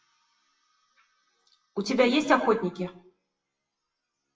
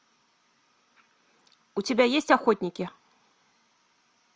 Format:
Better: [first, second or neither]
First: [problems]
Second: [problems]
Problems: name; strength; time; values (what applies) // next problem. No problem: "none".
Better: second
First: noise reduction (classical method WPE with log-MMSE)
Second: none